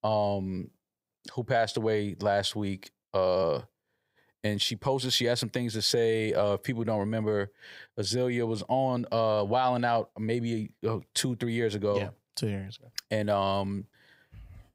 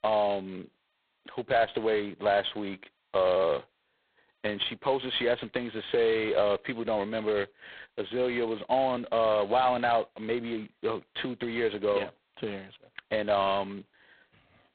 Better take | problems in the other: first | phone-call audio; poor line

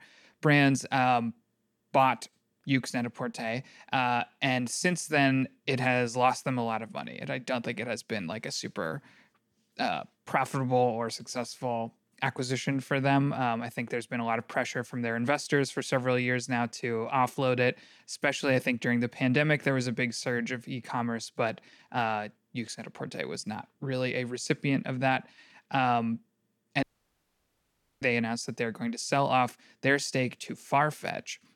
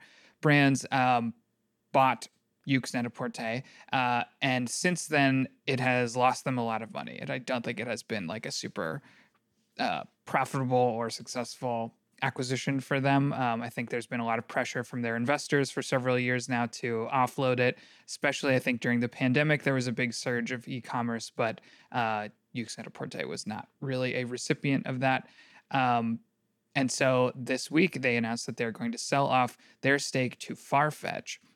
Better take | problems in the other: second | audio cutting out; at 27 s for 1 s

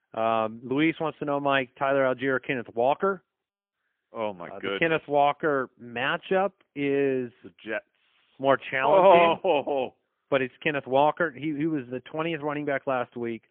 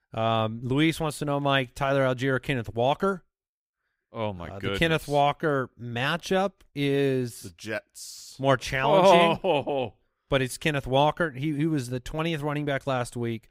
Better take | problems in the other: second | phone-call audio; poor line; nothing above 3.5 kHz

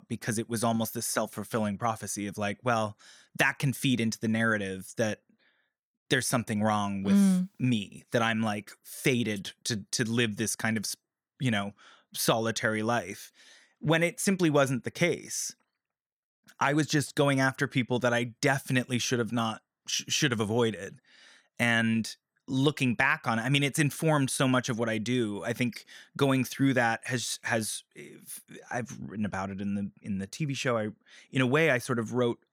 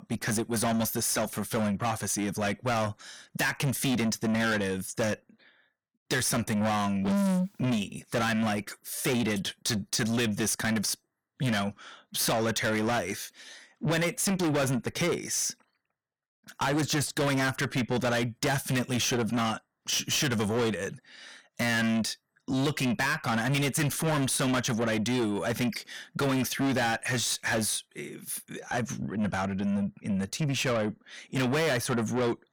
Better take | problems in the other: first | distortion; heavy; 5 dB below the speech

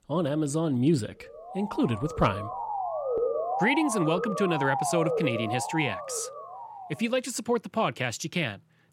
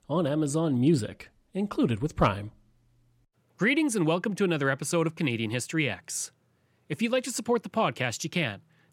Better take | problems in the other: second | siren; loud; from 1.5 to 7 s; peak level with the speech

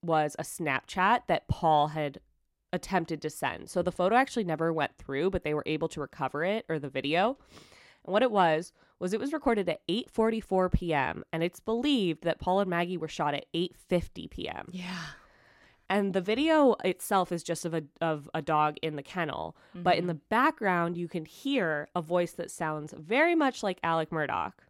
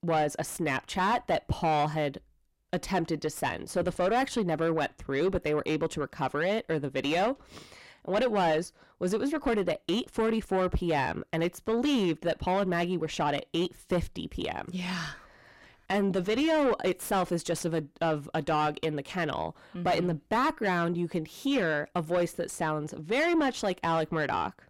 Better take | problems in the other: first | distortion; heavy; 7 dB below the speech

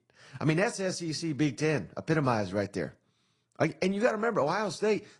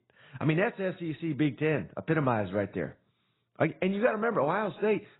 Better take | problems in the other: first | garbled, watery; badly; nothing above 4 kHz; slightly in the first

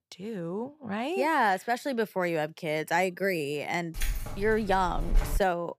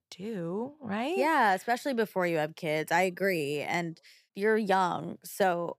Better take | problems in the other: second | jangling keys; noticeable; from 4 s on; peak 3 dB below the speech

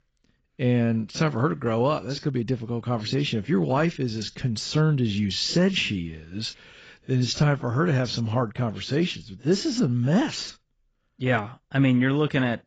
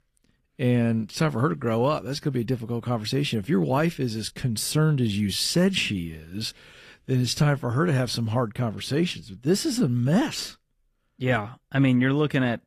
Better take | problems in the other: second | garbled, watery; badly; nothing above 7.5 kHz; slightly in the second

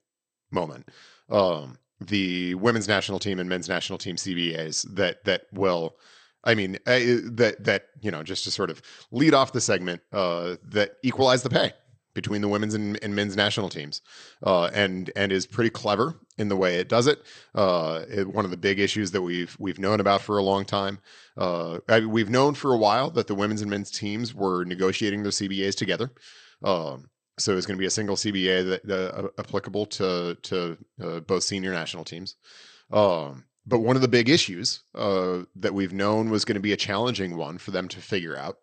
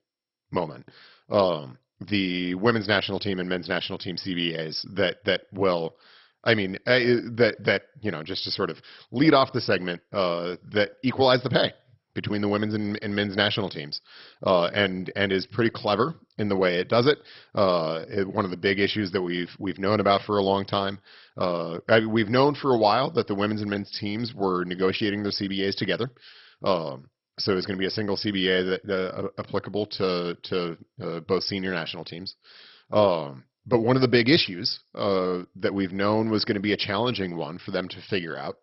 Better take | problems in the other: first | garbled, watery; badly; nothing above 5.5 kHz; slightly in the first

